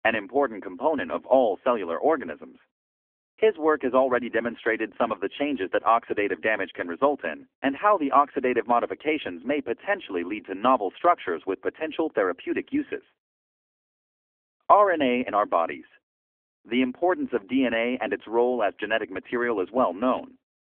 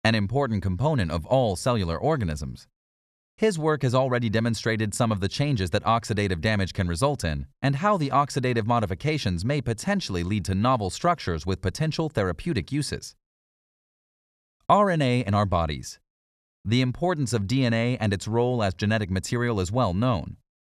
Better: second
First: phone-call audio; nothing above 3.5 kHz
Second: none

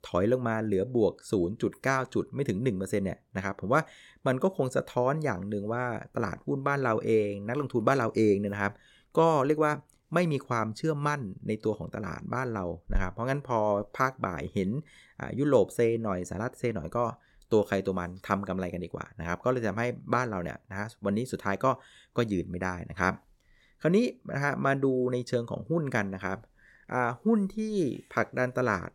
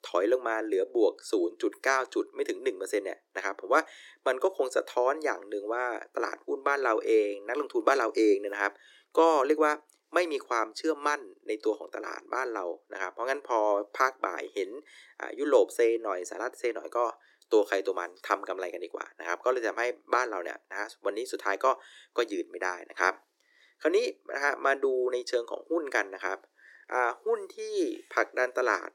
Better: first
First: none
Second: thin; very; fading below 300 Hz

